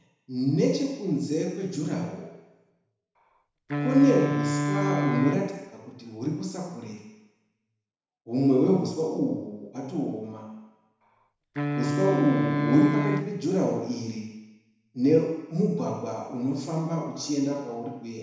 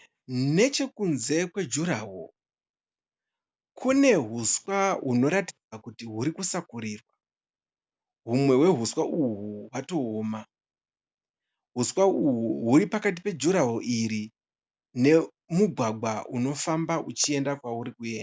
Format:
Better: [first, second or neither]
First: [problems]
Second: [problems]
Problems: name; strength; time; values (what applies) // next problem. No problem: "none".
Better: second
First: background sound (Wind instrument, woodwind instrument); 1 dB below the speech // room echo; dies away in 1 s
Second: none